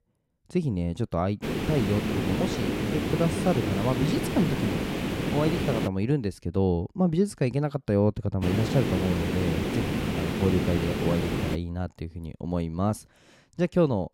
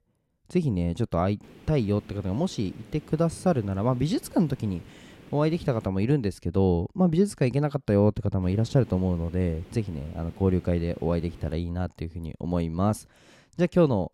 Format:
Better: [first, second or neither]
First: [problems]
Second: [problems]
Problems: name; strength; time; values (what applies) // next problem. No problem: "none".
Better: second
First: hiss; loud; from 1.5 to 6 s and from 8.5 to 12 s; 1 dB below the speech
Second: hiss; faint; from 1.5 to 6 s and from 8.5 to 12 s; 25 dB below the speech